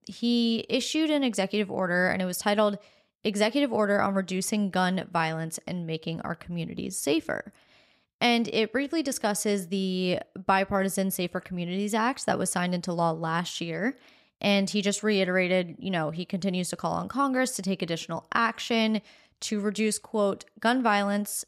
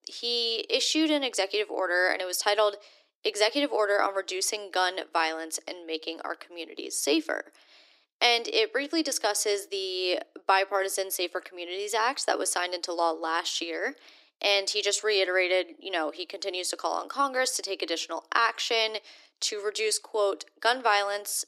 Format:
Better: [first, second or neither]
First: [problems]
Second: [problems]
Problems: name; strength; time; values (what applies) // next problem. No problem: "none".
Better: first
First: none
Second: thin; very; fading below 300 Hz